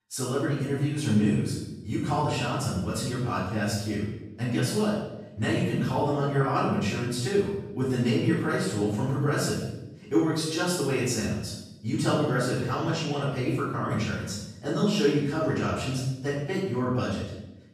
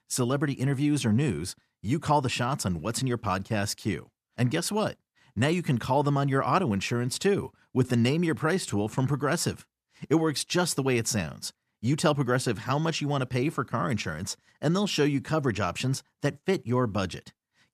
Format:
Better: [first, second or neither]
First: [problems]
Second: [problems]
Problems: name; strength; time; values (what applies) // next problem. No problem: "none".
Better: second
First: off-mic speech; far // room echo; strong; dies away in 0.8 s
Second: none